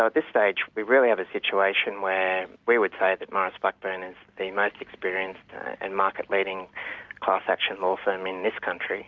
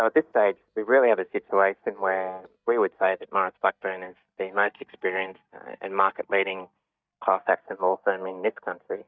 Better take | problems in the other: first | noise reduction (neural mask model DeepFilterNet 3)

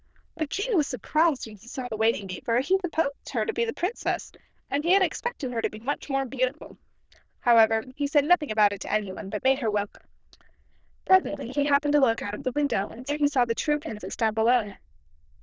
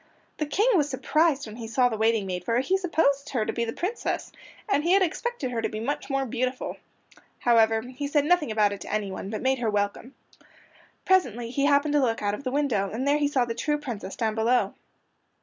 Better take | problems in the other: second | noise reduction (neural diffusion model UNIVERSE++)

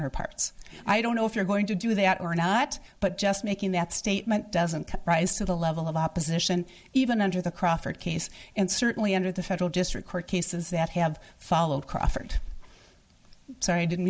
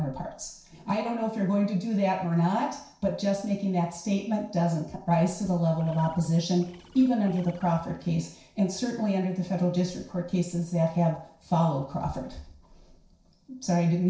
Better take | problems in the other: first | noise reduction (neural separator model SepFormer DNS4)

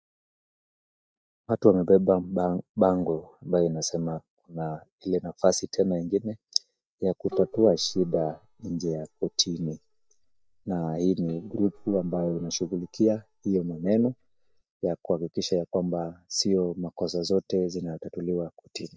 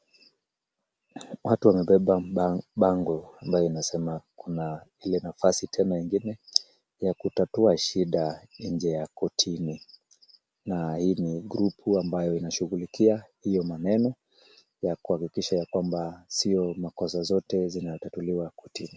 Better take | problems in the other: second | noise reduction (neural mask model DeepFilterNet 3)

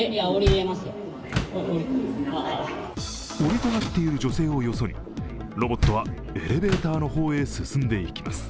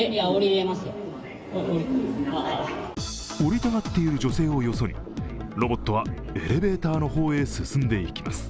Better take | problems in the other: second | background sound (Door); 7 dB below the speech

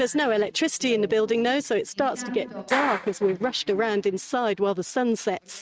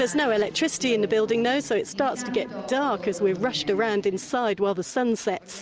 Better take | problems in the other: second | noise reduction (neural mask model RNNoise)

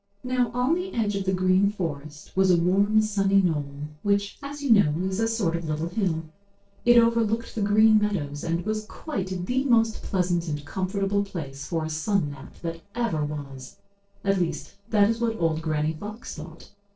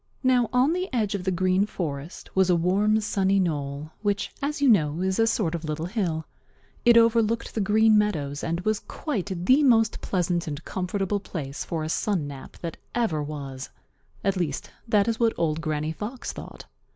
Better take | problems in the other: second | noise reduction (neural separator model SepFormer DNS4)

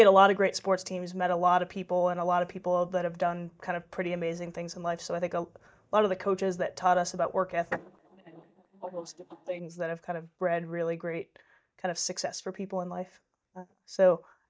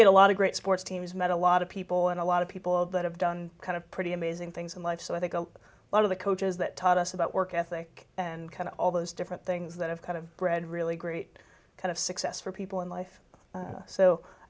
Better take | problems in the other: second | noise reduction (neural mask model DeepFilterNet 3)

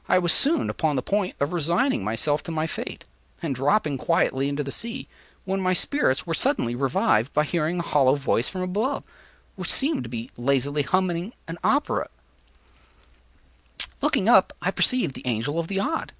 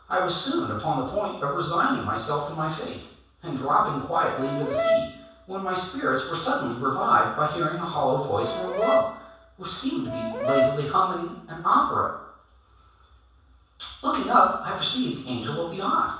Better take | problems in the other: first | background sound (Brass instrument); 2 dB below the speech // room echo; dies away in 0.7 s

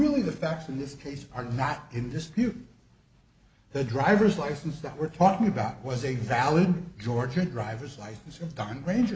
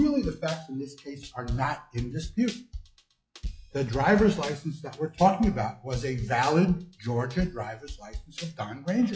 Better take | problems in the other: first | noise reduction (classical method log-MMSE)

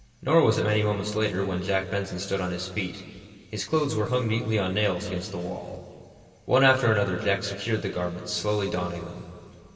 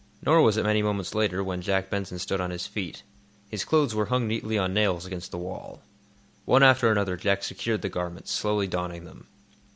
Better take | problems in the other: second | room echo; dies away in 2.9 s

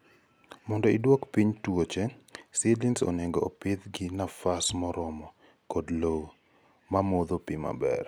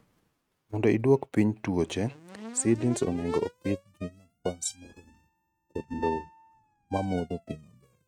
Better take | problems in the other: first | noise reduction (neural mask model RNNoise)

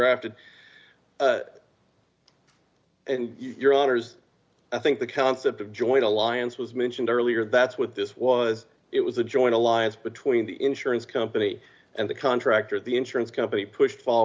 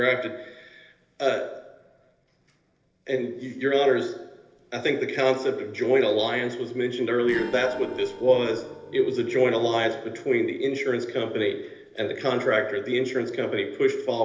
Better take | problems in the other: first | noise reduction (neural separator model SepFormer DNS4)

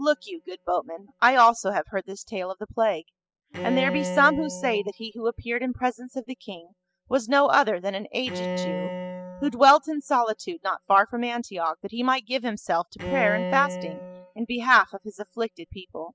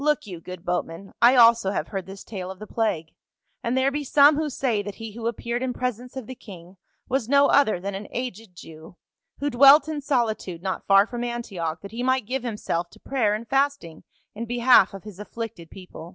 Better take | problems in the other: second | noise reduction (classical method spectral subtraction)

